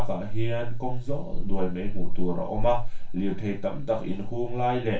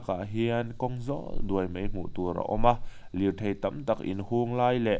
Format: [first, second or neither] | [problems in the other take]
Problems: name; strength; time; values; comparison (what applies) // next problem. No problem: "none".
second | room echo; dies away in 0.3 s